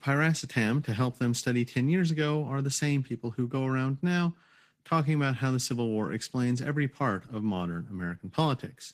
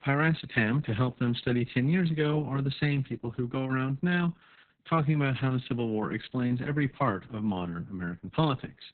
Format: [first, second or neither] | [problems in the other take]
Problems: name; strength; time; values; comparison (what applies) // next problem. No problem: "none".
first | garbled, watery; badly; nothing above 4 kHz; slightly in the first